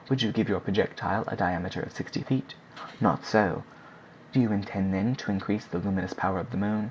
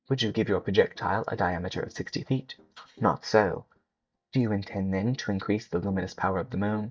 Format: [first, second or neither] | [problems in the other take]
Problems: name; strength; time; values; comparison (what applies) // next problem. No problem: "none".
first | noise reduction (neural mask model DeepFilterNet 3)